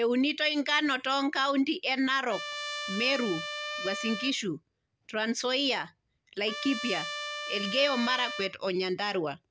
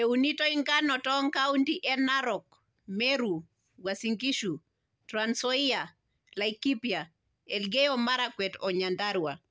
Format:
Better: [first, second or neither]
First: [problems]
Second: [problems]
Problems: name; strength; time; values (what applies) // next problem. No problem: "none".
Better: second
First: background sound (Trumpet); 7 dB below the speech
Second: none